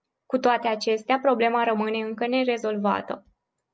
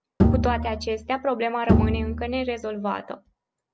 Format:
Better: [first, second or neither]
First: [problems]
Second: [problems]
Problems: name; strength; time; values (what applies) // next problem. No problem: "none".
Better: first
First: none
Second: background sound (Bowed string instrument); 3 dB above the speech